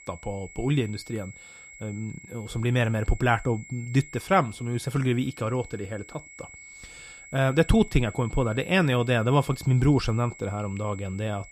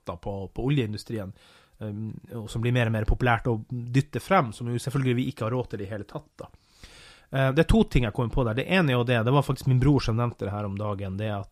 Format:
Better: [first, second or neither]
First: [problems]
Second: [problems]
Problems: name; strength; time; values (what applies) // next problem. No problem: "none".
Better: second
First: high-pitched whine; noticeable; throughout; 2 kHz, 20 dB below the speech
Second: none